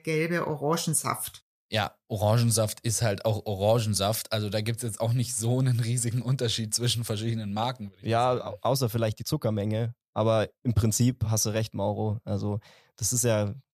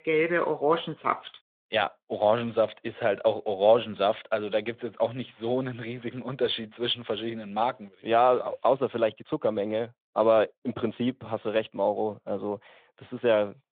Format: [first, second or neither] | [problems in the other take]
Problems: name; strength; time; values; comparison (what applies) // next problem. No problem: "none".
first | phone-call audio; nothing above 3.5 kHz